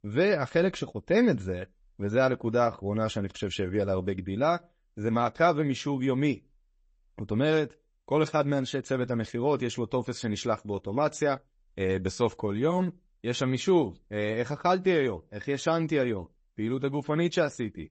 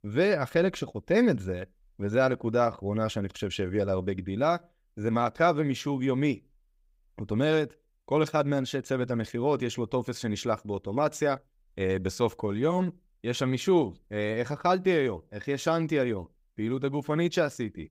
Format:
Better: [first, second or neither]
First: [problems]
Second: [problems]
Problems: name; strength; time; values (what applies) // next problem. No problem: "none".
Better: second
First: garbled, watery; slightly; nothing above 8 kHz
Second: none